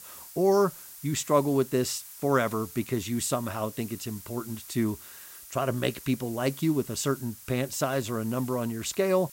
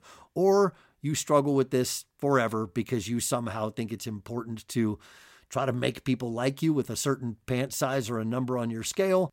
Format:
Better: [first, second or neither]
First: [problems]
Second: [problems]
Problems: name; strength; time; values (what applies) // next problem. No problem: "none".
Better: second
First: hiss; noticeable; throughout; 15 dB below the speech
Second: none